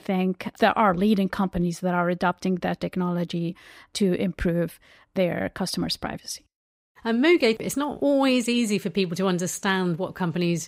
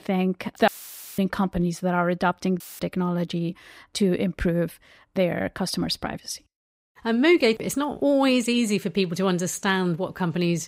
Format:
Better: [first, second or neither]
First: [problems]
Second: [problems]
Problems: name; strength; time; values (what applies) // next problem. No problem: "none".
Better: first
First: none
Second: audio cutting out; filled with static; at 0.5 s and at 2.5 s